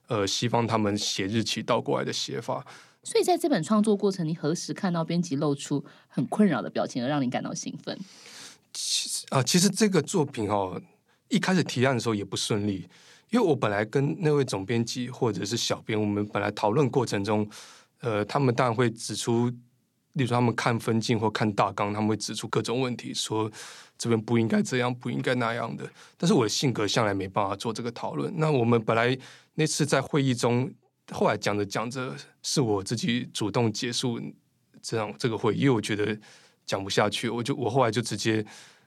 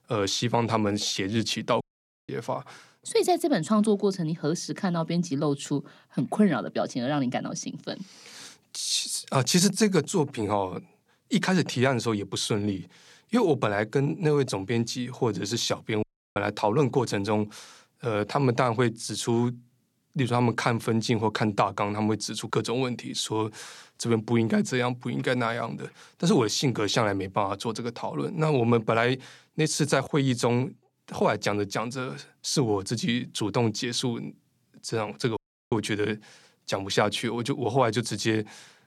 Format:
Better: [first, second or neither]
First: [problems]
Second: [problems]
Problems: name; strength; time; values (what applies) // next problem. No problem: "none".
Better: first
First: none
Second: audio cutting out; at 2 s, at 16 s and at 35 s